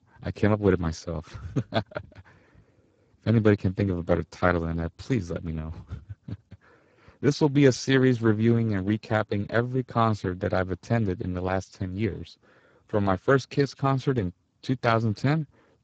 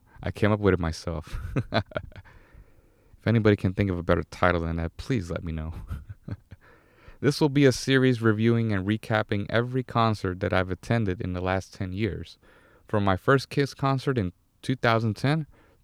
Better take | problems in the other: second | garbled, watery; badly

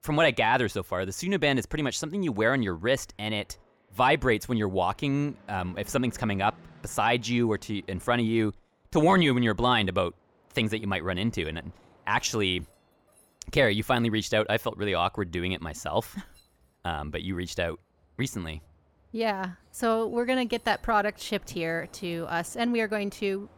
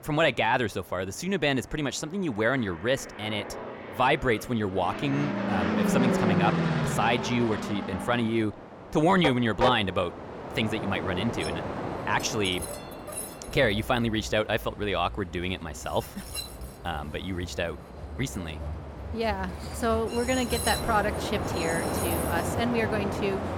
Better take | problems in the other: first | train or aircraft noise; loud; throughout; 4 dB below the speech; faint in the first

